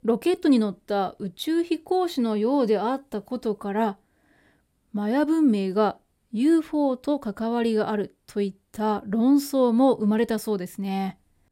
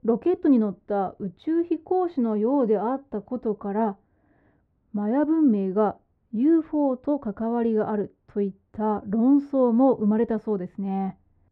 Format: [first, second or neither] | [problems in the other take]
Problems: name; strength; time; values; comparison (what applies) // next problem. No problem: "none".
first | muffled; very; fading above 1 kHz